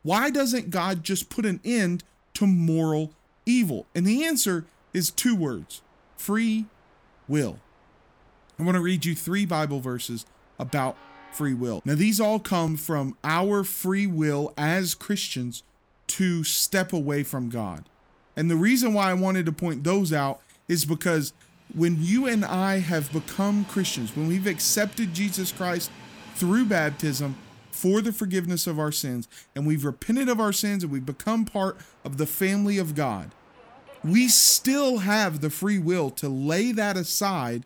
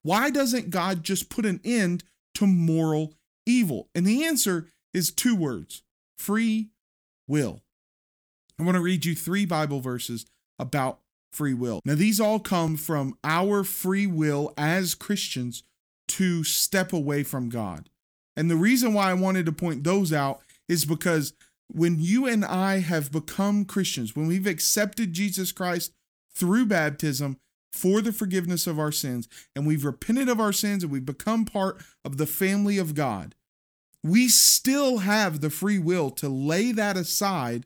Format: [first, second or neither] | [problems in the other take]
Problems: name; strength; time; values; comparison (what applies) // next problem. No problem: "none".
second | train or aircraft noise; faint; throughout; 25 dB below the speech